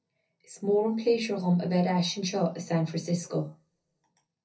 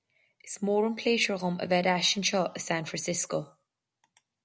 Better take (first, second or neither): second